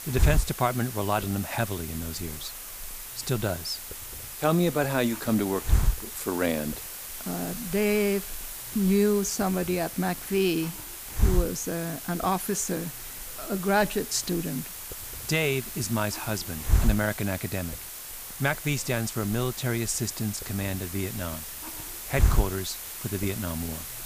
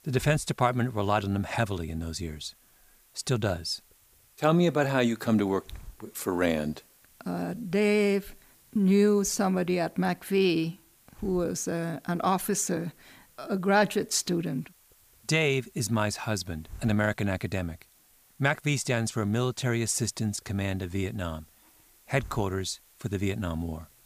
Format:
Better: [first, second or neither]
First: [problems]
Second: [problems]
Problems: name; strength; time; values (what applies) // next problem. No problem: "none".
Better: second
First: hiss; loud; throughout; 5 dB below the speech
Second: hiss; faint; throughout; 25 dB below the speech